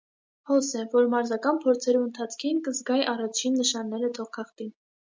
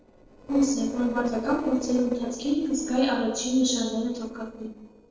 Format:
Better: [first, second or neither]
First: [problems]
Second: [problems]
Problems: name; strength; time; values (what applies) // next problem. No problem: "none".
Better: first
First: none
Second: noise reduction (neural separator model SepFormer DNS4)